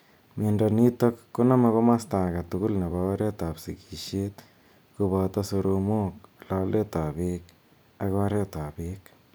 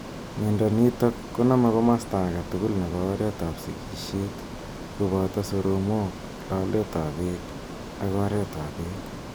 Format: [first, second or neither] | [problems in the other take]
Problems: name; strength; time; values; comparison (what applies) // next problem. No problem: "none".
first | background sound (Ocean); 11 dB below the speech